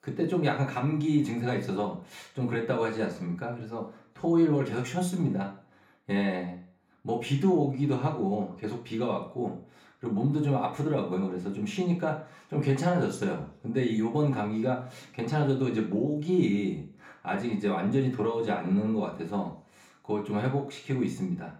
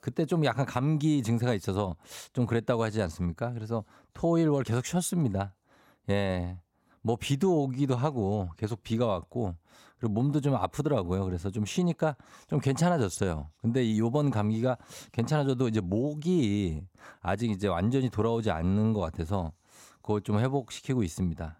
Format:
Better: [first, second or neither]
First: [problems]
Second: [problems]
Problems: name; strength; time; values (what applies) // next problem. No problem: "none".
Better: second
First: room echo; slight; dies away in 0.4 s // off-mic speech; far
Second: none